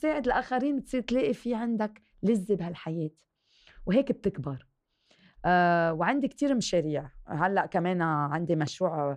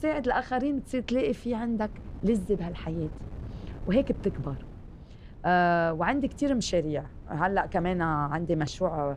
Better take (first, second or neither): first